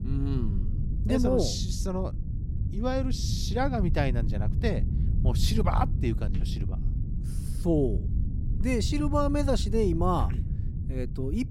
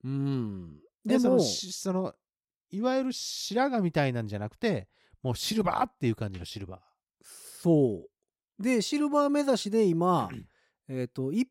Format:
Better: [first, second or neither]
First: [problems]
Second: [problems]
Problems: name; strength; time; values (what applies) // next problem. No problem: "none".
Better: second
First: low rumble; noticeable; throughout; 15 dB below the speech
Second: none